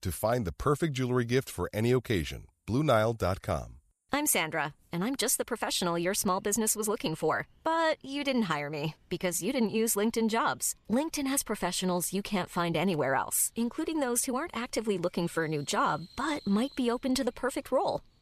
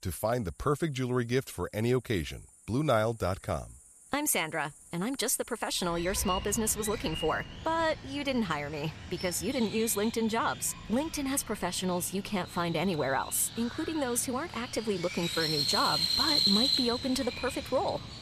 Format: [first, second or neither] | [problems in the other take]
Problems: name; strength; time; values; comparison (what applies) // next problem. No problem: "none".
first | animal sounds; loud; throughout; 1 dB below the speech; faint in the first